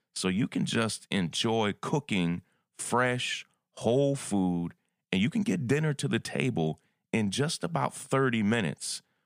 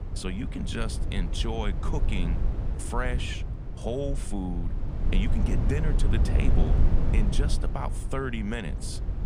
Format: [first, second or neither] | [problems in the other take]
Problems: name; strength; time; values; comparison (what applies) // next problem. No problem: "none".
first | low rumble; loud; throughout; 6 dB below the speech